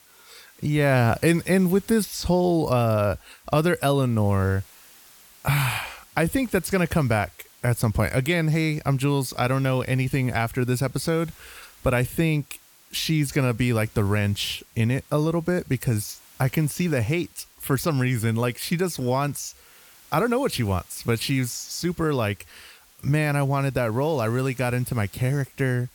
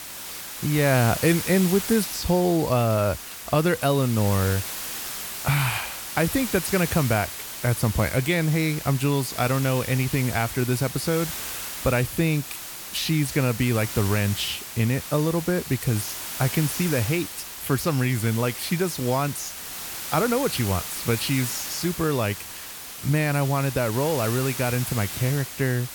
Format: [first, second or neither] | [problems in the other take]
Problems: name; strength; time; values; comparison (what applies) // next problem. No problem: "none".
first | hiss; loud; throughout; 7 dB below the speech; faint in the first